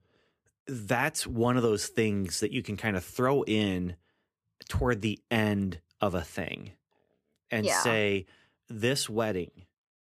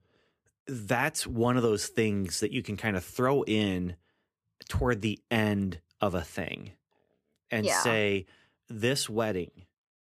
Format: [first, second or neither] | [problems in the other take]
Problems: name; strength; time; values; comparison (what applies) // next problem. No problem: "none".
neither | none